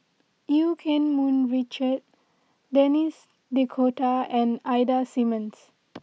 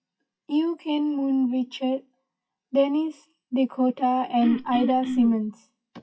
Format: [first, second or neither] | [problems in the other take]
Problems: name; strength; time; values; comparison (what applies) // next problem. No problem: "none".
first | noise reduction (classical method WPE with log-MMSE)